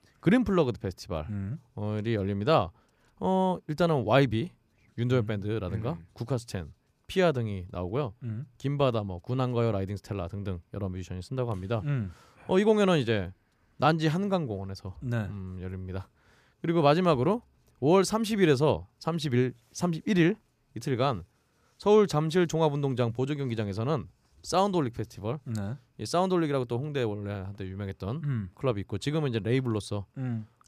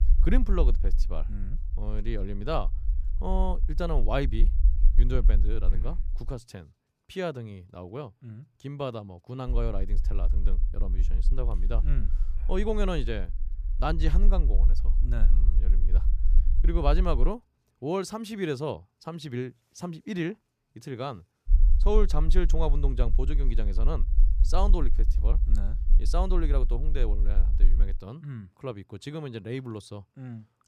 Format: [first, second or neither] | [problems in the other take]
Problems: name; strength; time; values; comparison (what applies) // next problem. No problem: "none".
first | low rumble; noticeable; until 6.5 s, from 9.5 to 17 s and from 21 to 28 s; 15 dB below the speech